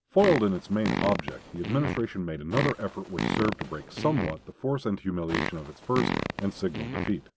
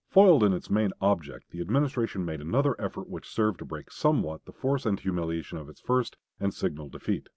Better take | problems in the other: second | background sound (Fart); 4 dB below the speech

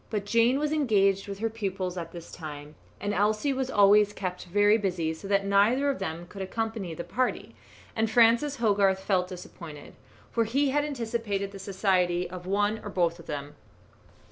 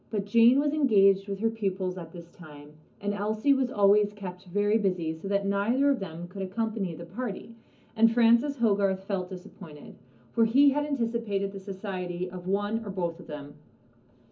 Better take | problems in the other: first | room echo; dies away in 0.4 s

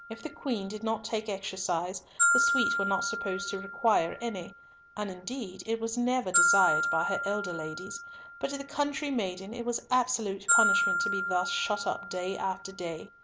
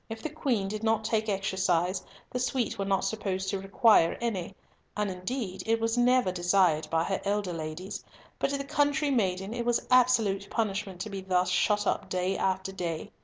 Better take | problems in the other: second | background sound (Glockenspiel); as loud as the speech

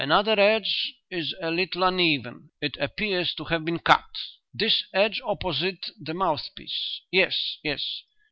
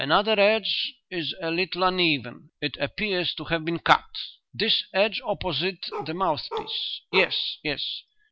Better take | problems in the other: first | background sound (Bark); 10 dB below the speech

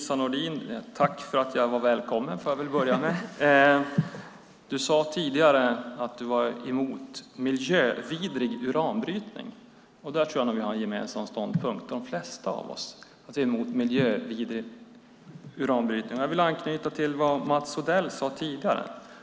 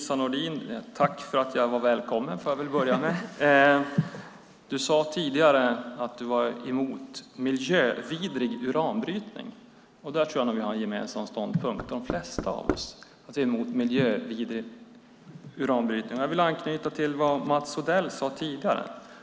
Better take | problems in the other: first | background sound (Knock); 7 dB below the speech

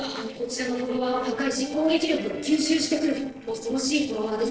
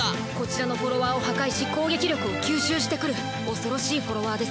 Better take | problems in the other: second | noise reduction (neural separator model SepFormer DNS4)

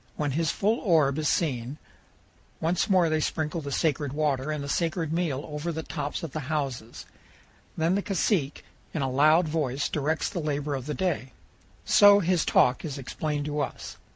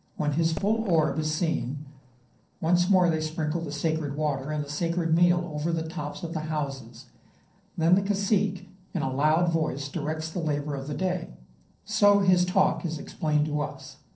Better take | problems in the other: first | noise reduction (neural separator model SepFormer DNS4)

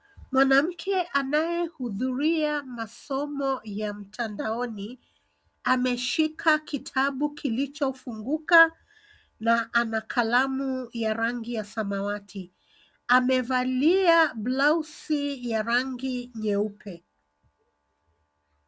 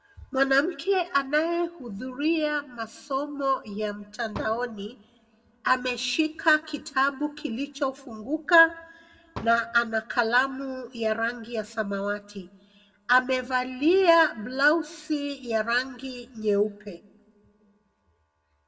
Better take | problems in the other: first | background sound (Fireworks); 16 dB below the speech // room echo; dies away in 0.6 s

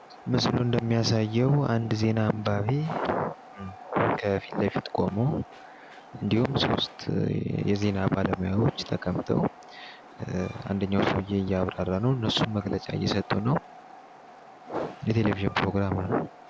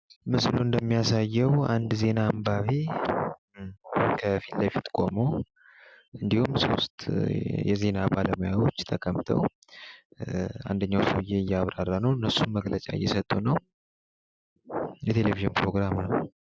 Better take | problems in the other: second | background sound (Train); 20 dB below the speech

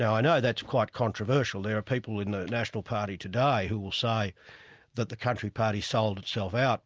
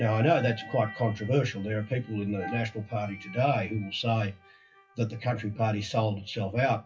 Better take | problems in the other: first | noise reduction (classical method WPE with log-MMSE)

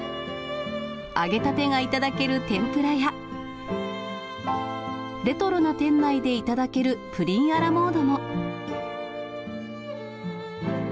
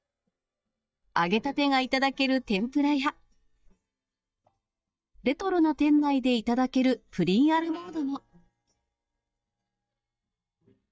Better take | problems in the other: first | noise reduction (neural mask model DeepFilterNet 3)

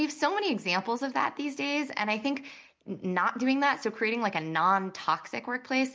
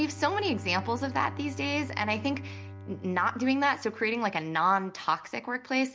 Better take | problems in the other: first | background sound (Bowed string instrument); 14 dB below the speech

